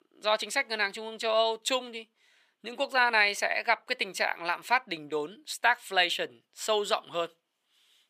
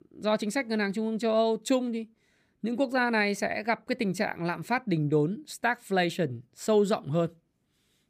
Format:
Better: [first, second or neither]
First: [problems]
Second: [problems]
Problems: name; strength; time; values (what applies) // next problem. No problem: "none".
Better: second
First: thin; very; fading below 700 Hz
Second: none